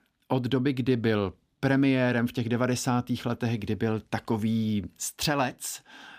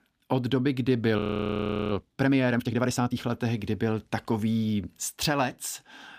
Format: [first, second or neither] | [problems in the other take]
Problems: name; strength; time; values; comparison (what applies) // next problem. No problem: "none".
first | audio freezing; at 1 s for 0.5 s